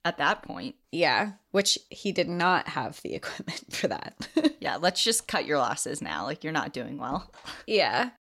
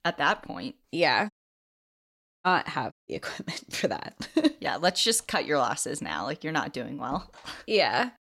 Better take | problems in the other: first | audio cutting out; at 1.5 s for 1 s and at 3 s

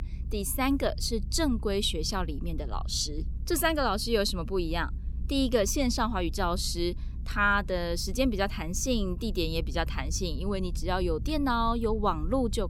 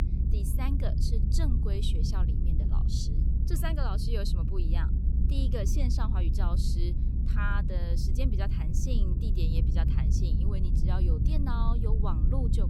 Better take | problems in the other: first | low rumble; loud; throughout; 4 dB below the speech; faint in the first

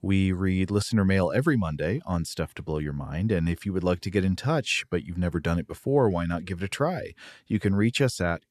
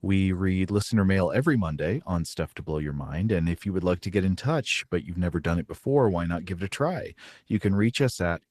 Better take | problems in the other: first | garbled, watery; slightly; nothing above 13.5 kHz

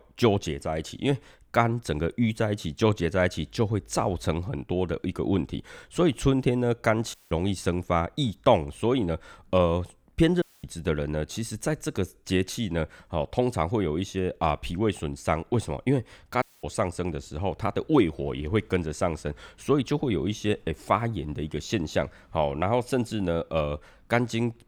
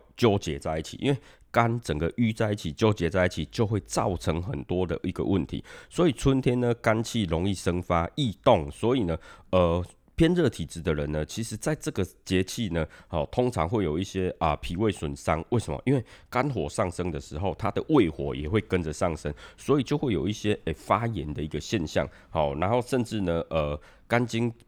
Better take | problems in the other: second | audio cutting out; at 7 s, at 10 s and at 16 s

